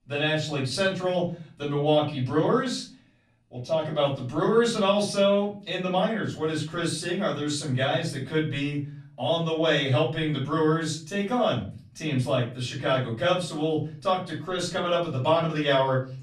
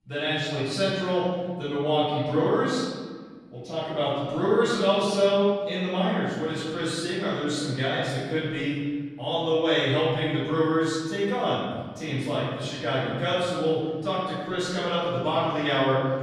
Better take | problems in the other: first | room echo; strong; dies away in 1.4 s; slight in the first // off-mic speech; far; far in the first

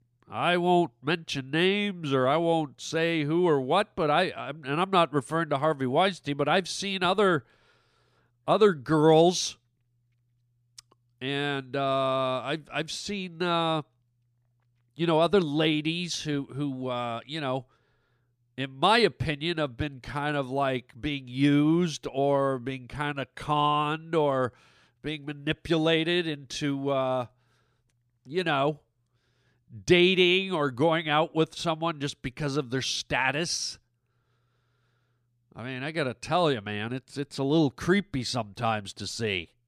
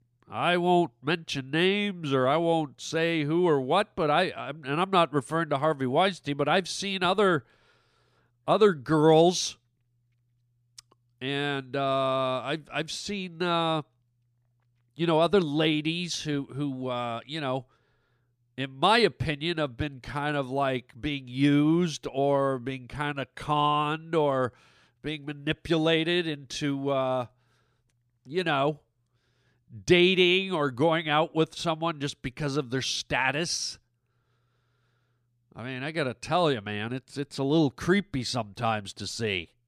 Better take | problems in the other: neither | none

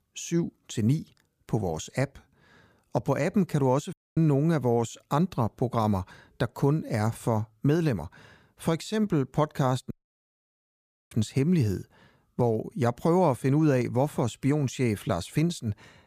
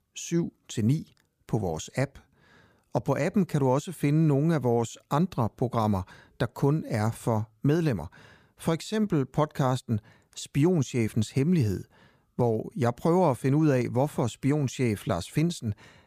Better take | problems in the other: second | audio cutting out; at 4 s and at 10 s for 1 s

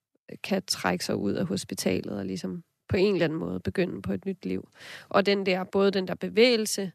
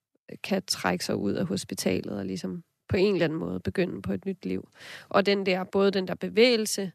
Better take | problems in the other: neither | none

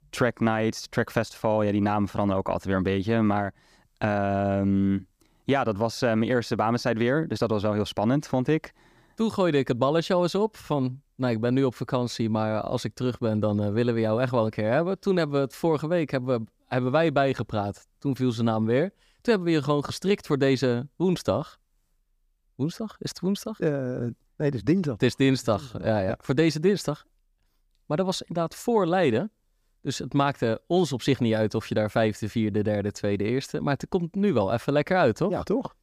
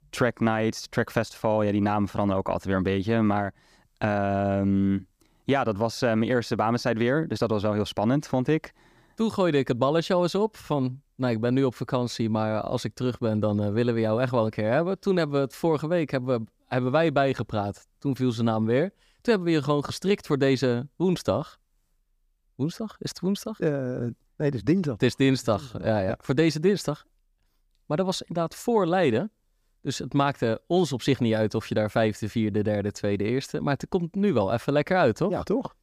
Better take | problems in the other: neither | none

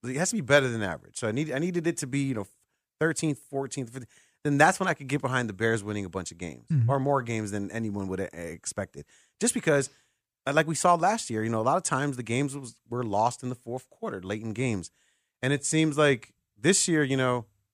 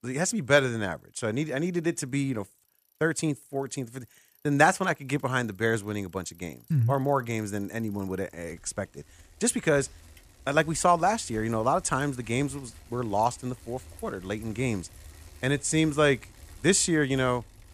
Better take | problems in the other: first | traffic noise; faint; throughout; 25 dB below the speech

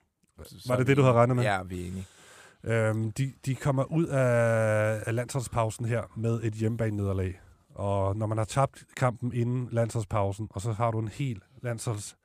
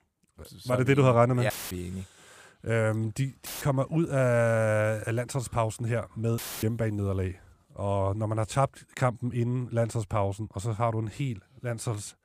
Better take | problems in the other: first | audio cutting out; filled with static; at 1.5 s, at 3.5 s and at 6.5 s

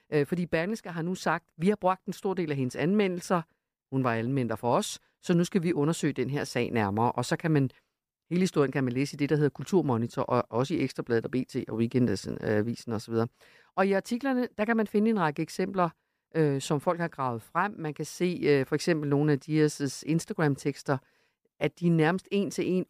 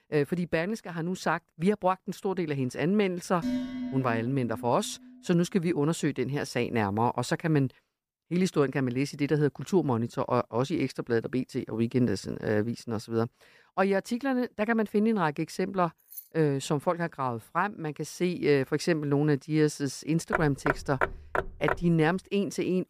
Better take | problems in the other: first | clattering dishes; noticeable; from 3.5 to 4.5 s; peak 3 dB below the speech // jangling keys; faint; at 16 s; peak 15 dB below the speech // door banging; noticeable; from 20 to 22 s; peak 1 dB below the speech

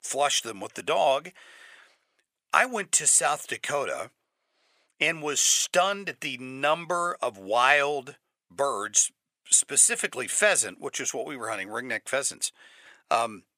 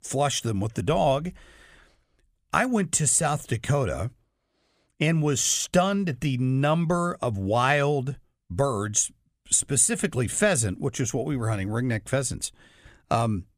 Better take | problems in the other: second | thin; very; fading below 550 Hz

